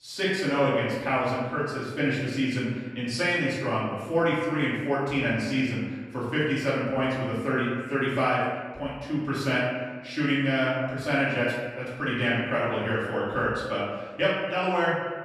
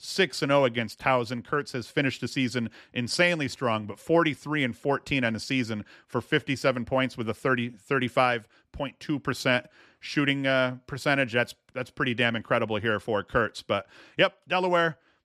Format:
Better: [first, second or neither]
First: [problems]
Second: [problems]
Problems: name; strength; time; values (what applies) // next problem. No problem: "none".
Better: second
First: room echo; noticeable; dies away in 1.2 s // off-mic speech; far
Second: none